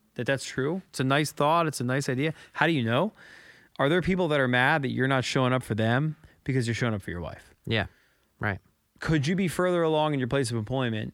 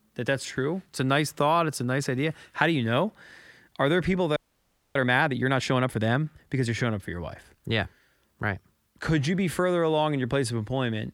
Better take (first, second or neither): first